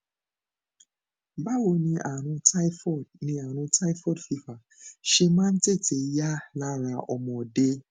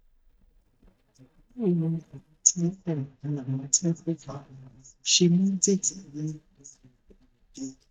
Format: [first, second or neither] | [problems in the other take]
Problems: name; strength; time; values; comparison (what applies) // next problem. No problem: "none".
first | noise reduction (neural mask model DeepFilterNet 3)